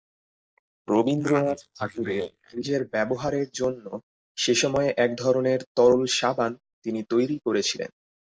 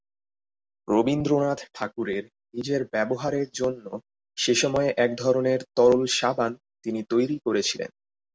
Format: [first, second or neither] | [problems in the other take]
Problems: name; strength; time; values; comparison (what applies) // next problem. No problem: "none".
second | noise reduction (neural mask model Resemble Enhance denoiser)